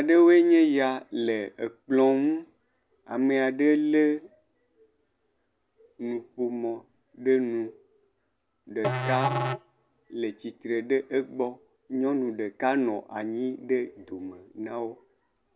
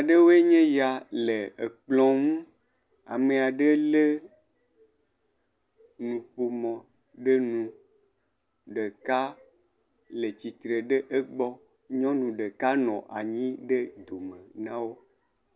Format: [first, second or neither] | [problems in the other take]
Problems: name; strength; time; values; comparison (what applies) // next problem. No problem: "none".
second | background sound (Musical instrument); 6 dB below the speech